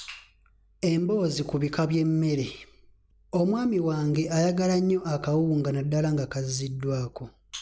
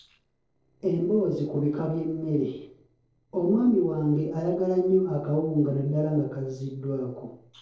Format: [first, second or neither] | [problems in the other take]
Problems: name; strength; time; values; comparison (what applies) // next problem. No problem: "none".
first | noise reduction (neural separator model SepFormer DNS4)